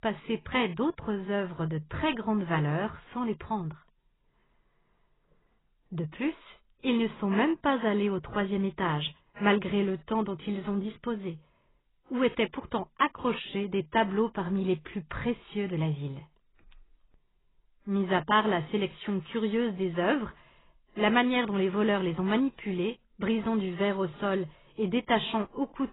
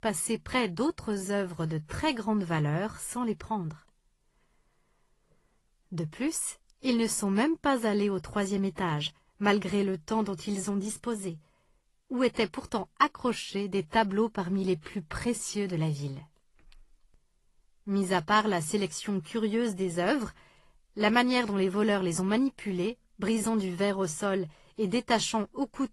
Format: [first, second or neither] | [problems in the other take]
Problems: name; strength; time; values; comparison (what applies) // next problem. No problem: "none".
second | garbled, watery; badly; nothing above 3.5 kHz; slightly in the second